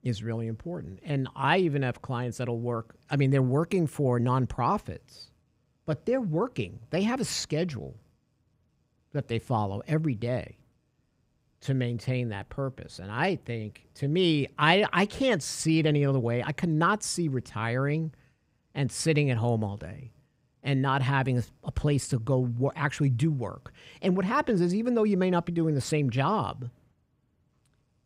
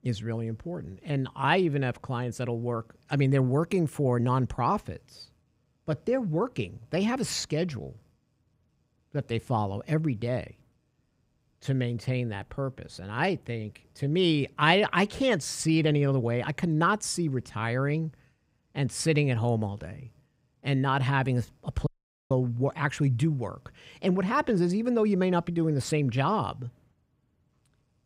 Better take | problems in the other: first | audio cutting out; at 22 s

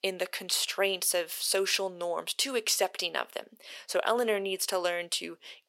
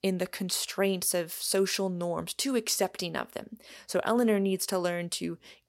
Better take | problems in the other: second | thin; somewhat; fading below 500 Hz

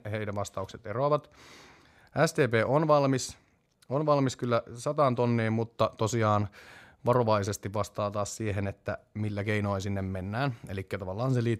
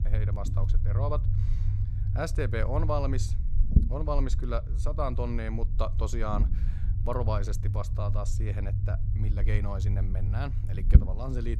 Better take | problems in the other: first | low rumble; loud; throughout; 9 dB below the speech

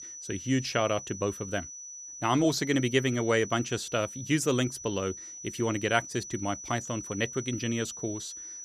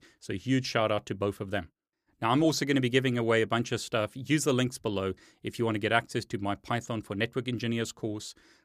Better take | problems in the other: second | high-pitched whine; noticeable; throughout; 6 kHz, 10 dB below the speech

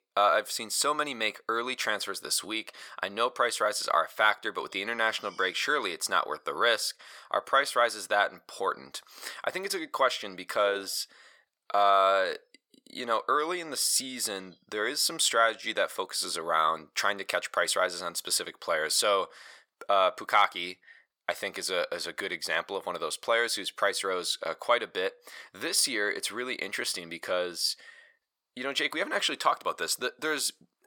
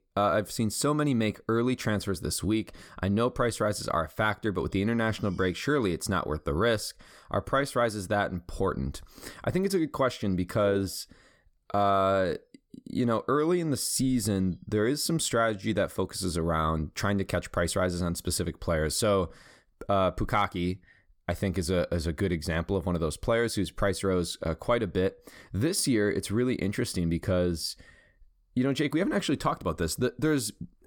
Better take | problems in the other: second | thin; very; fading below 750 Hz

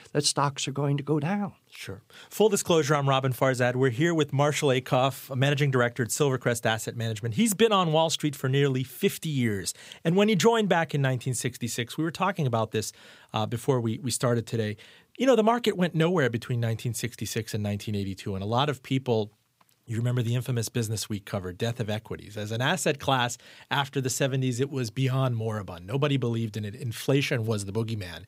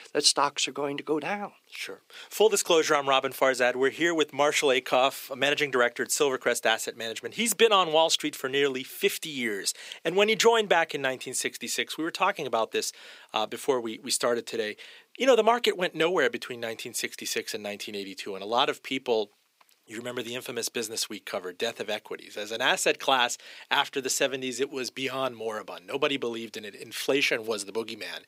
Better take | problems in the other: first | thin; somewhat; fading below 300 Hz

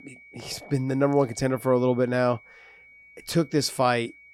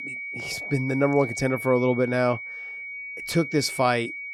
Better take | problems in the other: first | high-pitched whine; loud; throughout; 2.5 kHz, 8 dB below the speech; faint in the first

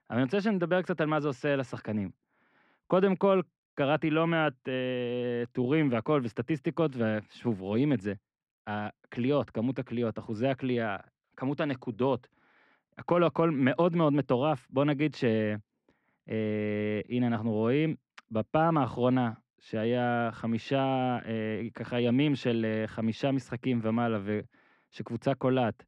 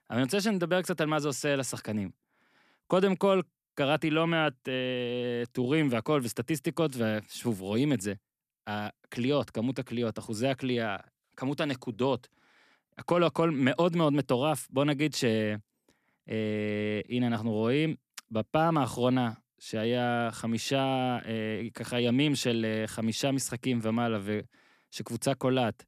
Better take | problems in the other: second | muffled; slightly; fading above 2.5 kHz

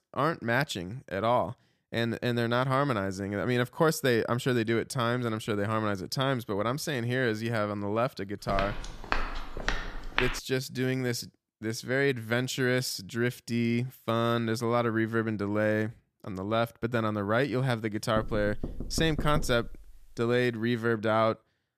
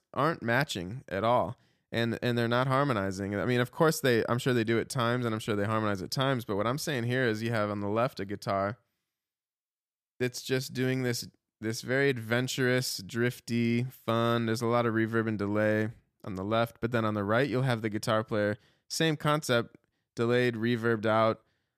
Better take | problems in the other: second | footsteps; noticeable; from 8.5 to 10 s; peak 2 dB below the speech // door banging; noticeable; from 18 to 20 s; peak 7 dB below the speech

